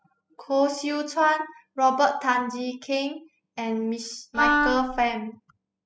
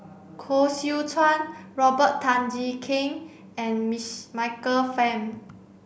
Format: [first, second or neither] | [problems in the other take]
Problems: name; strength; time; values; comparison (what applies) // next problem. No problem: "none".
second | noise reduction (classical method spectral subtraction)